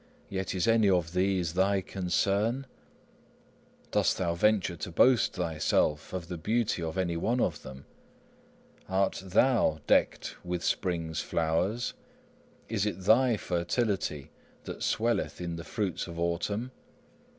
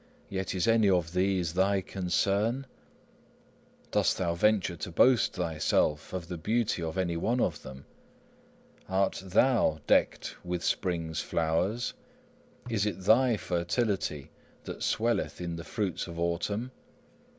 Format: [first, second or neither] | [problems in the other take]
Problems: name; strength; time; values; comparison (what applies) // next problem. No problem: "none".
first | background sound (Tabla); 19 dB below the speech